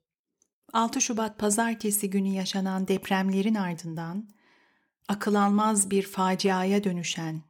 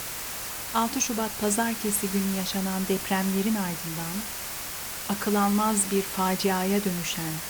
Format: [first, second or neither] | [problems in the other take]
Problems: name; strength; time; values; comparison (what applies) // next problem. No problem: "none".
first | hiss; loud; throughout; 5 dB below the speech